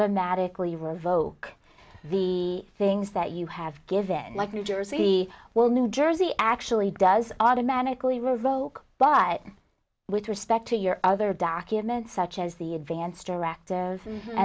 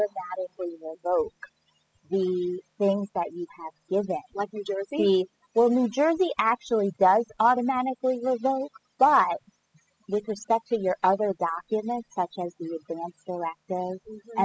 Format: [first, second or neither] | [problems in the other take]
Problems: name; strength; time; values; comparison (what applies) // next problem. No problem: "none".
first | noise reduction (classical method spectral subtraction)